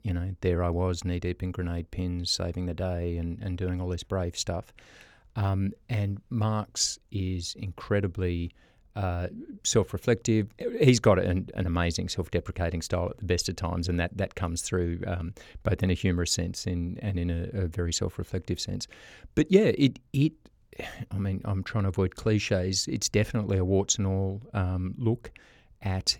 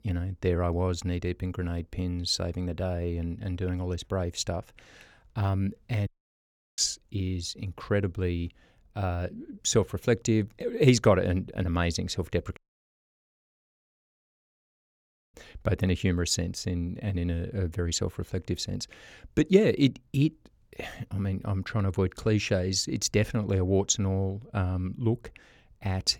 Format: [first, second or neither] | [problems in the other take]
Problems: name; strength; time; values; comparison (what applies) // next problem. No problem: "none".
first | audio cutting out; at 6 s for 0.5 s and at 13 s for 3 s